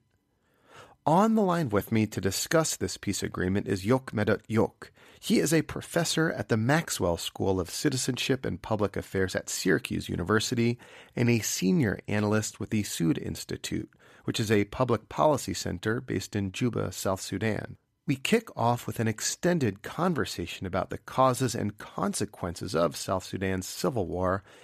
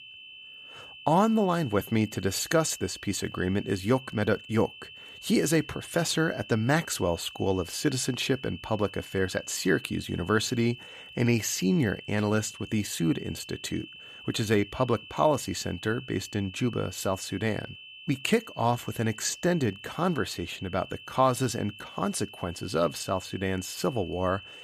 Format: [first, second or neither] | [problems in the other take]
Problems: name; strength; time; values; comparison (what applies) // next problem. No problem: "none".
first | high-pitched whine; noticeable; throughout; 3 kHz, 15 dB below the speech